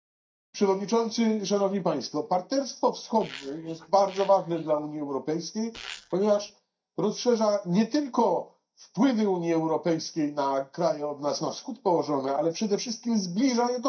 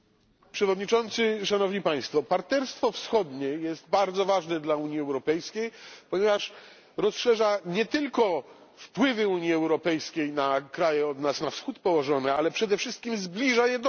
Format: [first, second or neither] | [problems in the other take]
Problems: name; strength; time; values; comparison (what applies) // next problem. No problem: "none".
second | noise reduction (neural mask model DeepFilterNet 3)